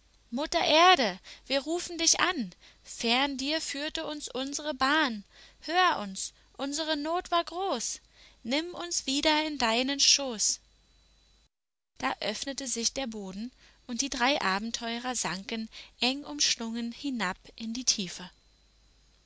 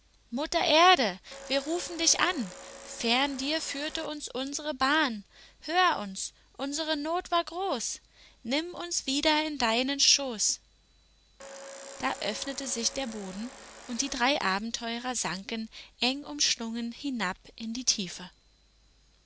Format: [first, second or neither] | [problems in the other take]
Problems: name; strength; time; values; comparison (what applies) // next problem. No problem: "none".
first | background sound (Domestic sounds, home sounds); 15 dB below the speech